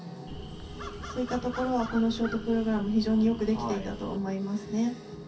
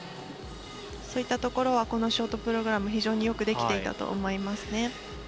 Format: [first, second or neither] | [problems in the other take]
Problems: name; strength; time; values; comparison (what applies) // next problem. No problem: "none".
second | background sound (Crow); 13 dB below the speech // room echo; dies away in 0.3 s